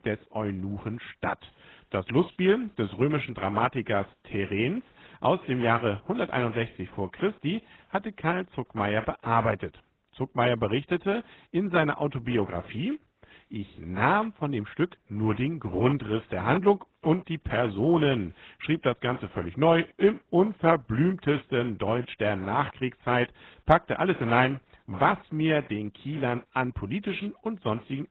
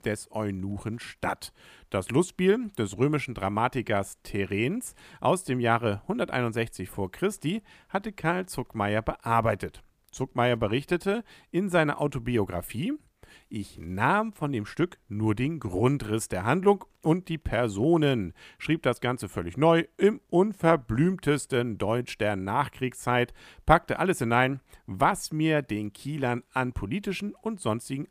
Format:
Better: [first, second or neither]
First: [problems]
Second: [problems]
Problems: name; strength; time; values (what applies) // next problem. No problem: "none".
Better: second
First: garbled, watery; badly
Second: none